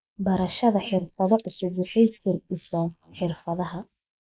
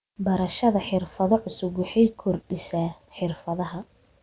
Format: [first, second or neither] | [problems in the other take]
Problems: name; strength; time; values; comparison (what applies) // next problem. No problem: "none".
second | noise reduction (neural mask model Resemble Enhance denoiser)